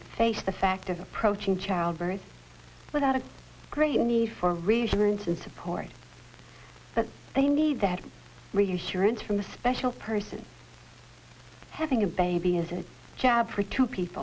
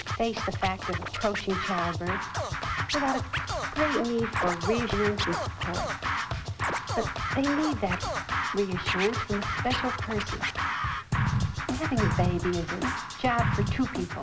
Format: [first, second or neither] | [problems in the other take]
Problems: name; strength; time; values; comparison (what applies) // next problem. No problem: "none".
first | background sound (Scratching (performance technique)); 1 dB above the speech